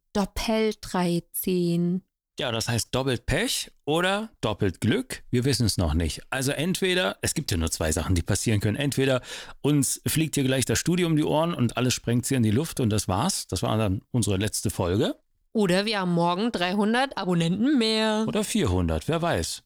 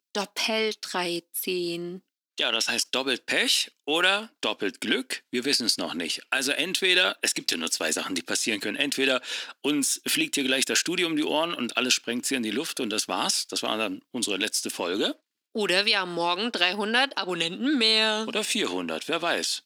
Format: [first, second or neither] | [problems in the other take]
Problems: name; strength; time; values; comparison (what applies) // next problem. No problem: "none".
first | thin; very slightly; fading below 250 Hz